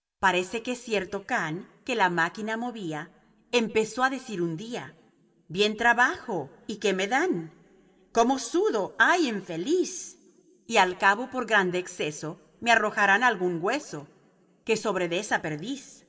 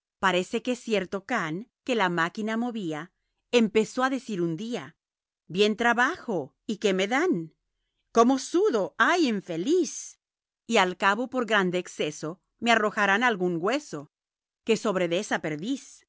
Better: second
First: room echo; dies away in 0.3 s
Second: none

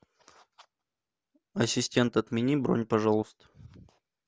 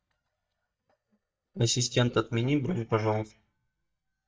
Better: first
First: none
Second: noise reduction (neural mask model DeepFilterNet 3)

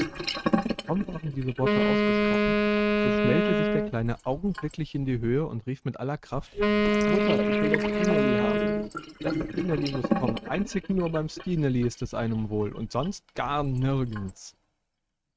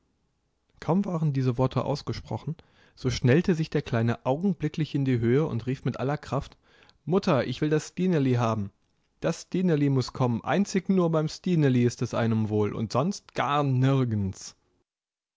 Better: second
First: noise reduction (neural mask model RNNoise)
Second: none

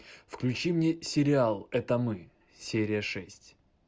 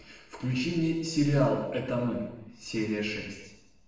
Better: first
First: none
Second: room echo; dies away in 0.9 s

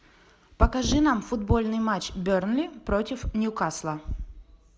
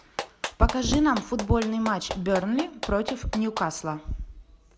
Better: first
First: none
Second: background sound (Clapping); 11 dB below the speech

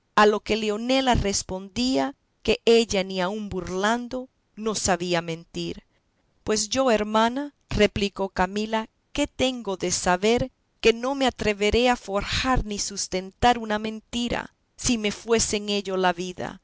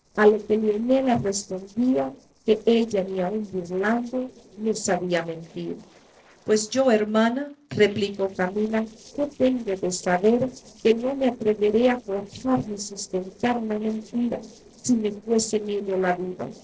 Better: first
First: none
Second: noise reduction (neural separator model SepFormer DNS4)

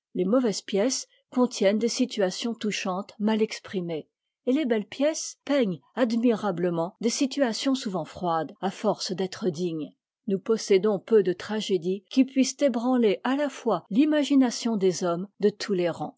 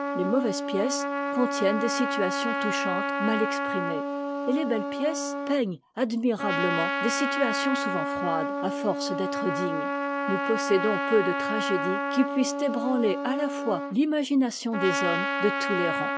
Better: first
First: none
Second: background sound (Trumpet); 1 dB below the speech

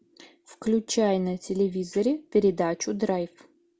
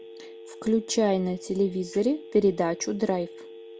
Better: first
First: none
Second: background sound (Telephone); 17 dB below the speech

